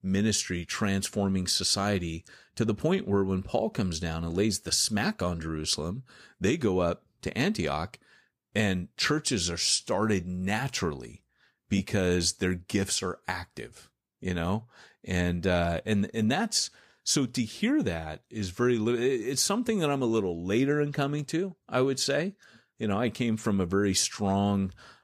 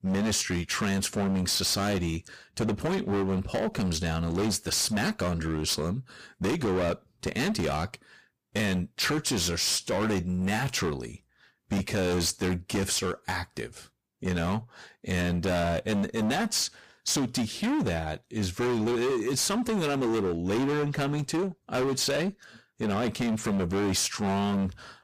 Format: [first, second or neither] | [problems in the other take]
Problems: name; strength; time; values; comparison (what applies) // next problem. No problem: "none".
first | distortion; heavy; 25% of the sound clipped